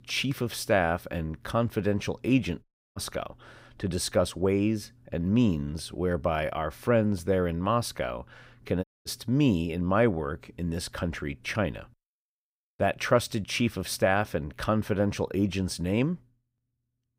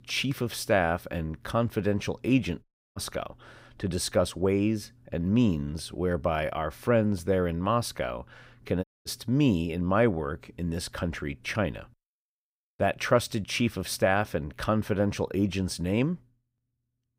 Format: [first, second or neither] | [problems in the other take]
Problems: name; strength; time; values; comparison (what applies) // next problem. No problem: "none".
neither | audio cutting out; at 2.5 s and at 9 s; the same in both